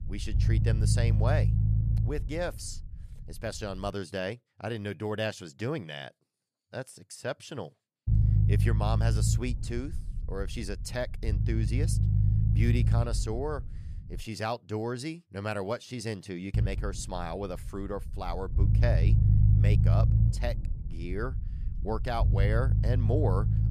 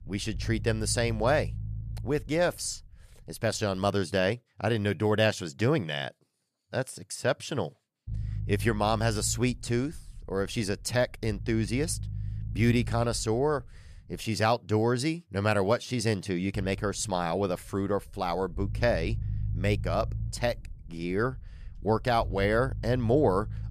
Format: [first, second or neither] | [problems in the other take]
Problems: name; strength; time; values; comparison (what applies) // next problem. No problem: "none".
second | low rumble; loud; until 4 s, from 8 to 14 s and from 17 s on; 5 dB below the speech; faint in the second